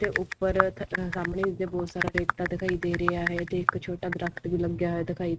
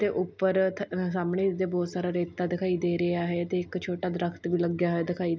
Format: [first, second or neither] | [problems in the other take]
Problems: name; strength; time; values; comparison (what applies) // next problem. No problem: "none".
second | noise reduction (neural mask model RNNoise)